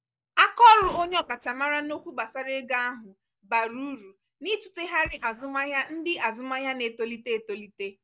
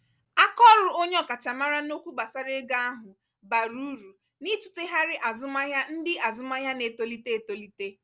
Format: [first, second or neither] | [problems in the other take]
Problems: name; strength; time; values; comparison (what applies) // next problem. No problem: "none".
second | noise reduction (neural mask model DeepFilterNet 3)